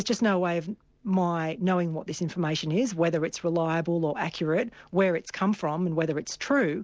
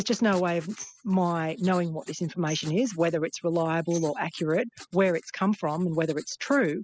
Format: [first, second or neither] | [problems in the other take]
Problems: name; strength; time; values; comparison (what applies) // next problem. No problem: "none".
first | noise reduction (classical method spectral subtraction)